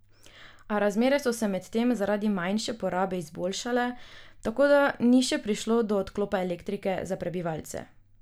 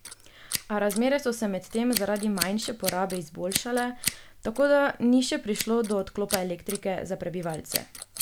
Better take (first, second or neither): first